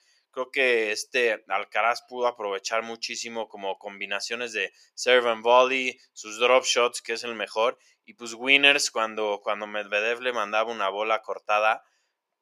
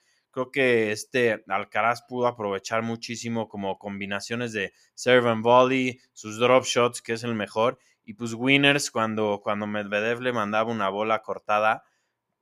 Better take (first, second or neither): second